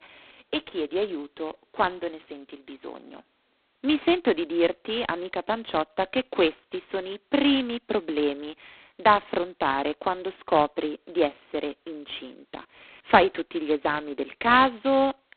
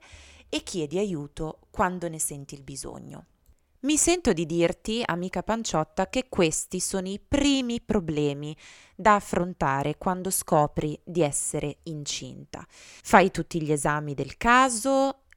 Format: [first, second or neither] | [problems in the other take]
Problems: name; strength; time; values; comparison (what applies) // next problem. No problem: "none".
second | phone-call audio; poor line; nothing above 4 kHz